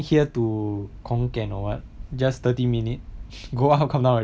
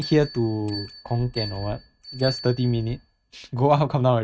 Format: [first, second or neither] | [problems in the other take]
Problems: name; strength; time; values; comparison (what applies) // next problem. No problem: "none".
first | noise reduction (neural mask model RNNoise)